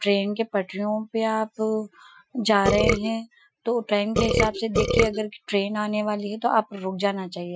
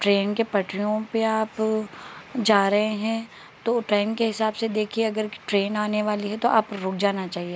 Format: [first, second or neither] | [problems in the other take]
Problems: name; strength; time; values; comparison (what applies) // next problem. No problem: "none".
second | noise reduction (classical method Wiener filter)